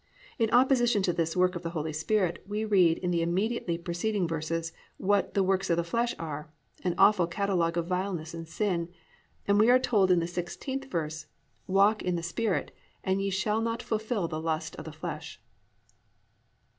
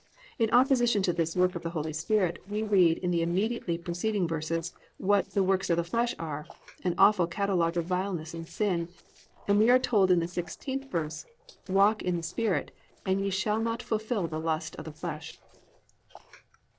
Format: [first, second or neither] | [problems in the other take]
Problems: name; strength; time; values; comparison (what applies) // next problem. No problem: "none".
first | noise reduction (neural separator model SepFormer DNS4)